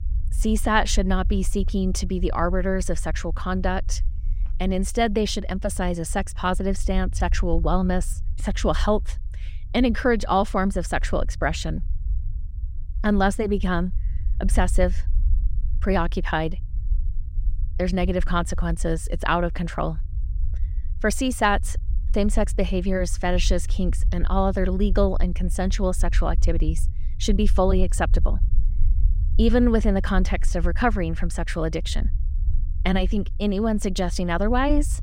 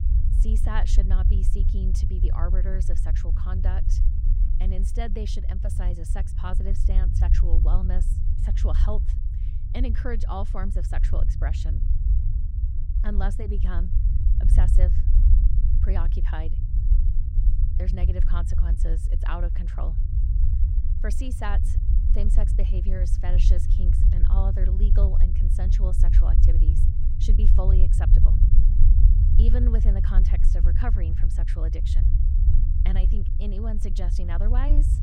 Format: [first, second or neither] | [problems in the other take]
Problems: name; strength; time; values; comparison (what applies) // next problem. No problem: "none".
first | low rumble; loud; throughout; 4 dB below the speech; faint in the first